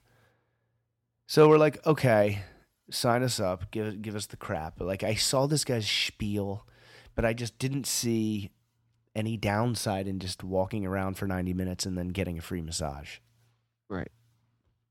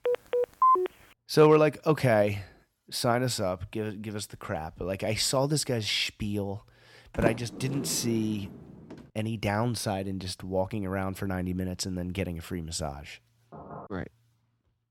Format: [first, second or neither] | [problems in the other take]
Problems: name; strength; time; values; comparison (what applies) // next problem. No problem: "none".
first | phone ringing; loud; at the start; peak 6 dB above the speech // door banging; noticeable; at 7 s; peak 3 dB below the speech // door banging; faint; at 14 s; peak 15 dB below the speech